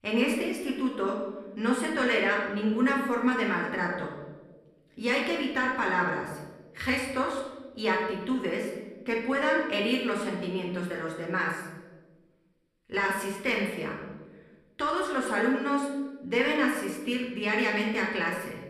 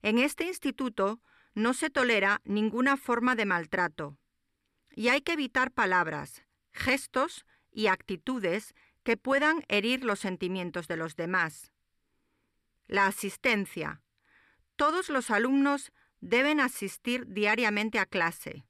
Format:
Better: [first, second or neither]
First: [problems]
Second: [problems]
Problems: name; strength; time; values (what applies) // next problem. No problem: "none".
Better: second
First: room echo; noticeable; dies away in 1 s // off-mic speech; far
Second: none